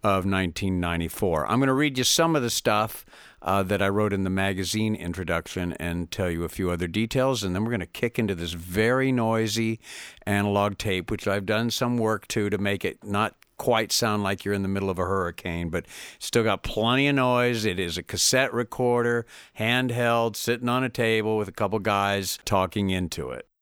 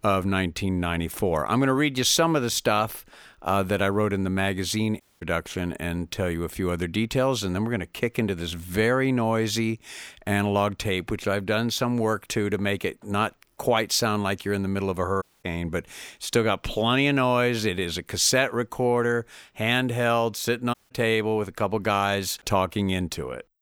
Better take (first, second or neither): first